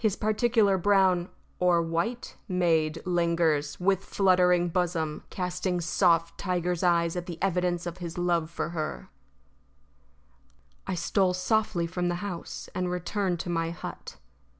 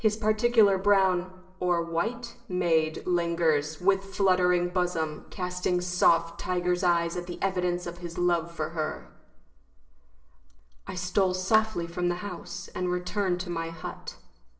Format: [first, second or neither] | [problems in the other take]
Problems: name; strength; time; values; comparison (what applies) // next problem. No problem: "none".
first | noise reduction (neural separator model SepFormer DNS4)